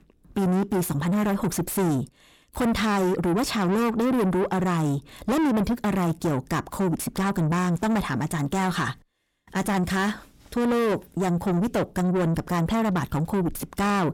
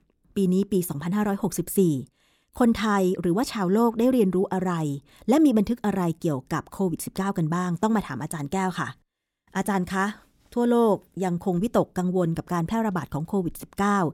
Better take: second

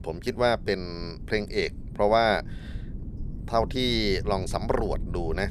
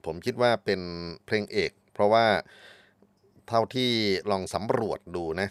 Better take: second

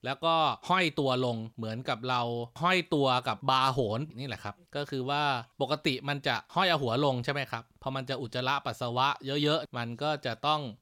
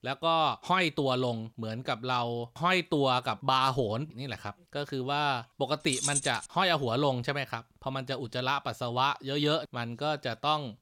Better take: first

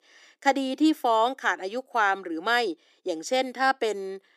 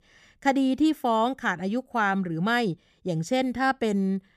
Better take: second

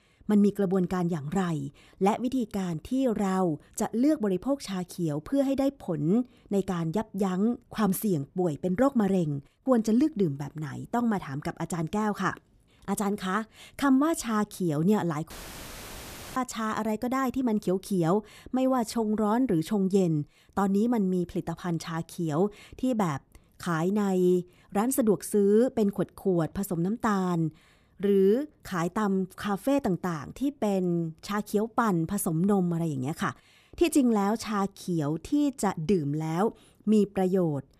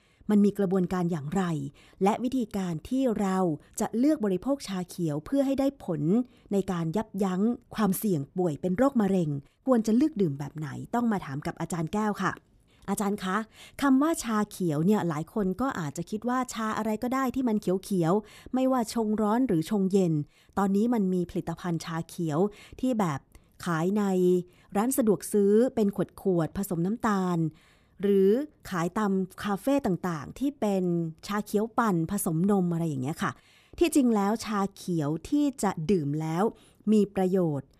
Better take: second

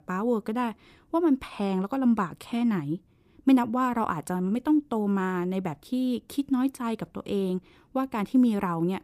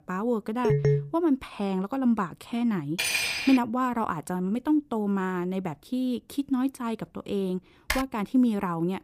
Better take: first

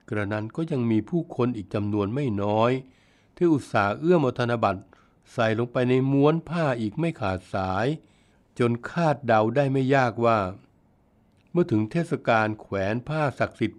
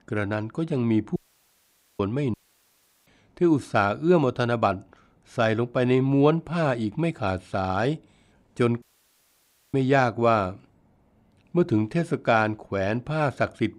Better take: first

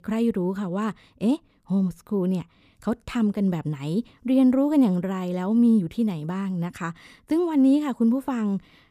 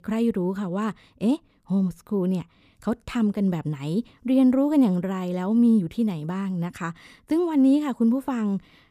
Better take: neither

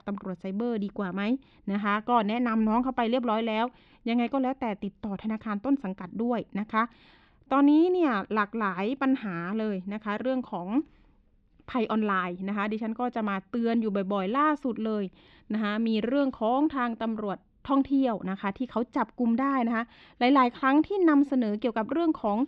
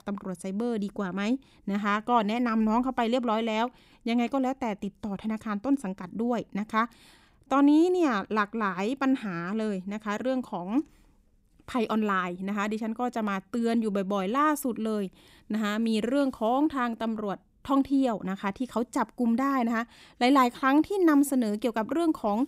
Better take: second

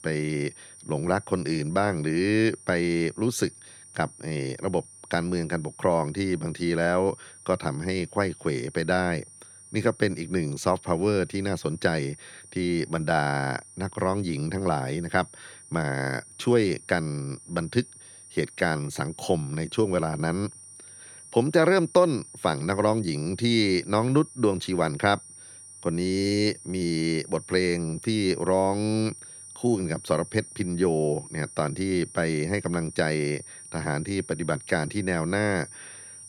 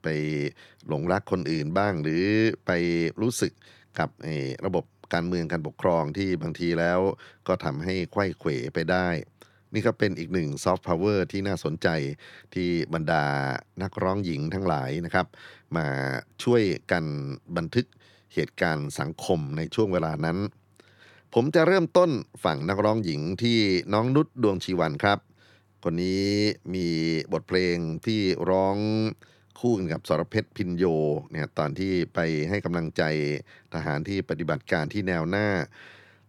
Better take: second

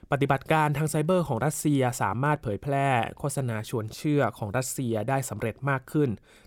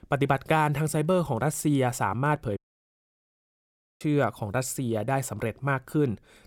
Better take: first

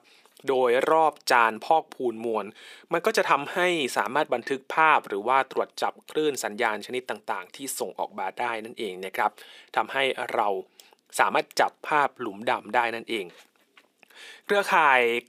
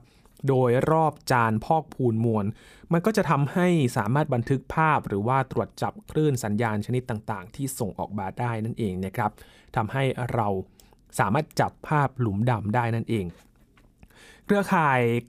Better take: second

